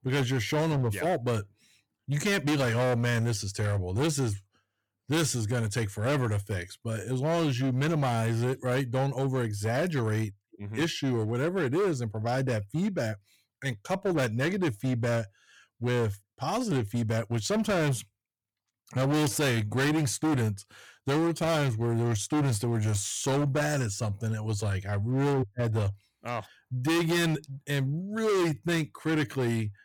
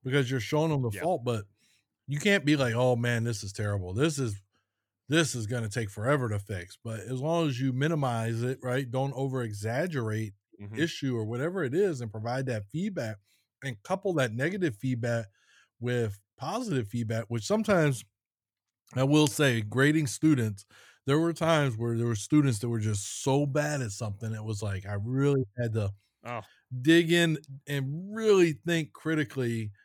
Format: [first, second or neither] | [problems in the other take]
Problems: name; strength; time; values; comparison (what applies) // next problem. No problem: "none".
second | distortion; heavy; 17% of the sound clipped